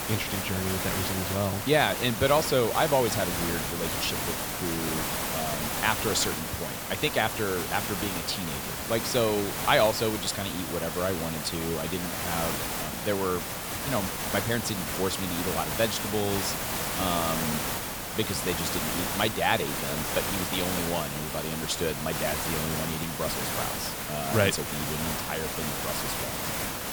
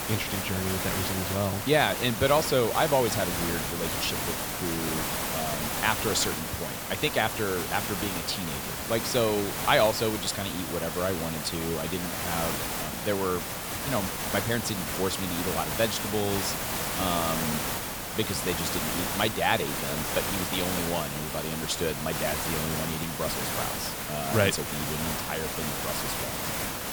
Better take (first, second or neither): neither